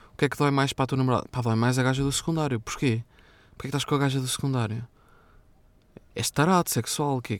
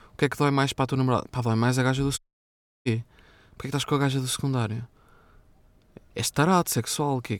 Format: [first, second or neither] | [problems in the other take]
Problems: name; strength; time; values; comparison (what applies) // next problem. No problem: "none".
first | audio cutting out; at 2 s for 0.5 s